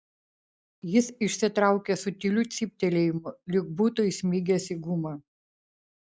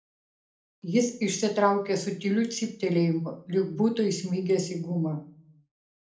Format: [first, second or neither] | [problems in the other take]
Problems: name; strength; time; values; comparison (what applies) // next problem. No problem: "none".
first | room echo; dies away in 0.4 s